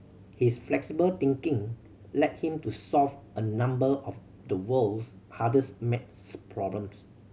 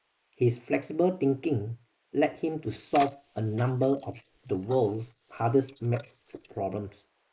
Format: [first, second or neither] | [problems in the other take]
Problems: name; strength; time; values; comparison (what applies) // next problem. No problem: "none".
first | noise reduction (neural mask model Resemble Enhance denoiser)